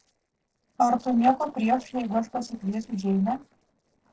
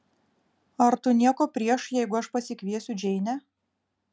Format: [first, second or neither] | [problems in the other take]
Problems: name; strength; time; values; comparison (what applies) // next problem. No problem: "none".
second | noise reduction (neural separator model SepFormer DNS4)